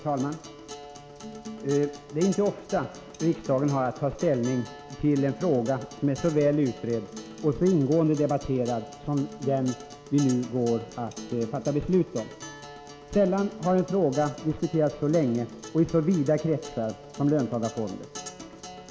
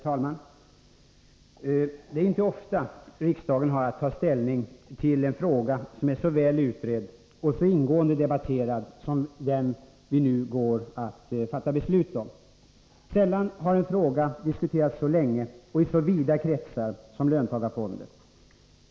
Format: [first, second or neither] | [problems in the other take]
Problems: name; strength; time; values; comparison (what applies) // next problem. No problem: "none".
second | background sound (Acoustic guitar); 15 dB below the speech